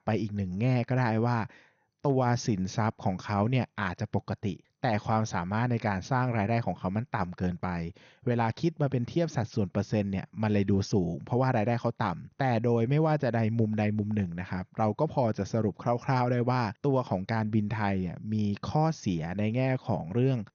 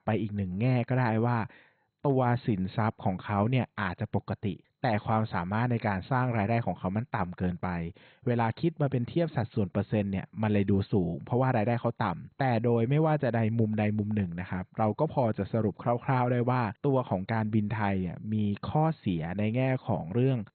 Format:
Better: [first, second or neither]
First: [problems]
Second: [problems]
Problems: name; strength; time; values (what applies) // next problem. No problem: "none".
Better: first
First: garbled, watery; slightly; nothing above 6.5 kHz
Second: garbled, watery; badly; nothing above 4 kHz